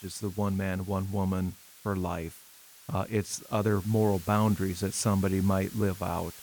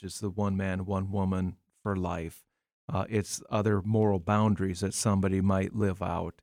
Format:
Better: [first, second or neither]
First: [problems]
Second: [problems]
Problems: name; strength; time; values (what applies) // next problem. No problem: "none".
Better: second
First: hiss; noticeable; throughout; 15 dB below the speech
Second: none